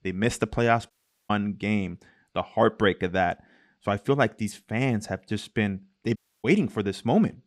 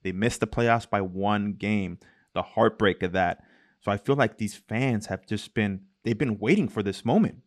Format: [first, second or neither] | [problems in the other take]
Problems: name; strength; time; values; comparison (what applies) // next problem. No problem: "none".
second | audio cutting out; at 1 s and at 6 s